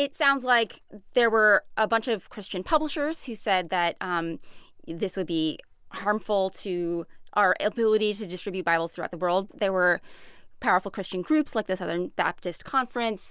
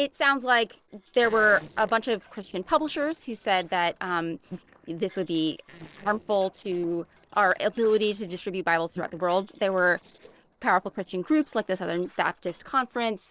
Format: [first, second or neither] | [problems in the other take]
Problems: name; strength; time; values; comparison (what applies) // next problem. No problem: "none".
first | noise reduction (neural separator model SepFormer DNS4)